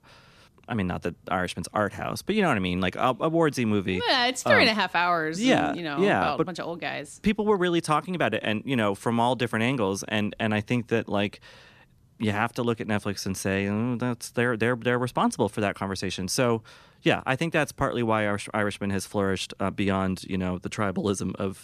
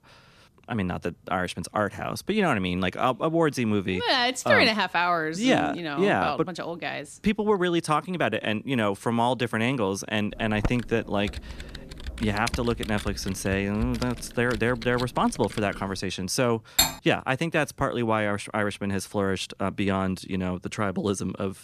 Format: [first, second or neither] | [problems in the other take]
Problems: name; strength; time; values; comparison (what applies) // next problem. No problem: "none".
first | keyboard typing; noticeable; from 10 to 16 s; peak 7 dB below the speech // clattering dishes; loud; at 17 s; peak 3 dB above the speech